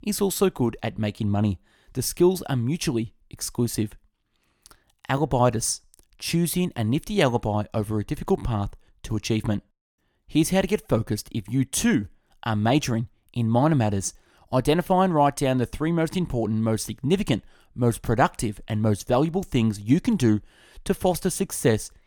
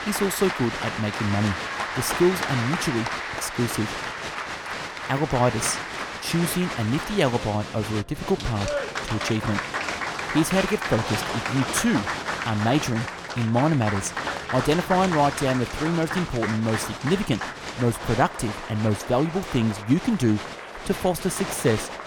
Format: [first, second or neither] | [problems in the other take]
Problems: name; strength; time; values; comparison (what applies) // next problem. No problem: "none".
first | crowd noise; loud; throughout; 5 dB below the speech